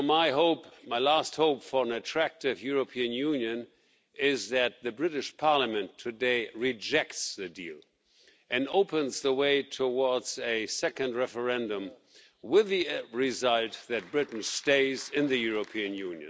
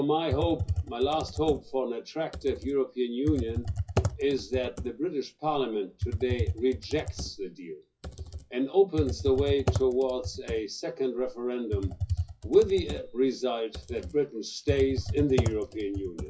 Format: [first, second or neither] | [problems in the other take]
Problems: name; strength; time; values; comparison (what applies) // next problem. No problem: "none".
first | noise reduction (classical method WPE with log-MMSE)